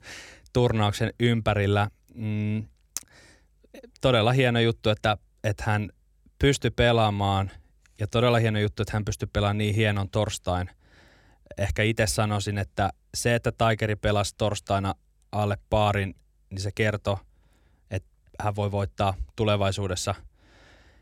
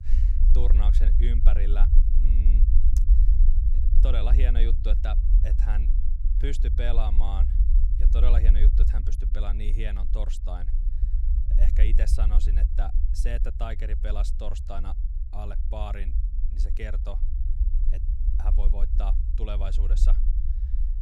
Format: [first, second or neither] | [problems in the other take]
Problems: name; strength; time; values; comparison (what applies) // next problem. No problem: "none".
first | low rumble; loud; throughout; 7 dB below the speech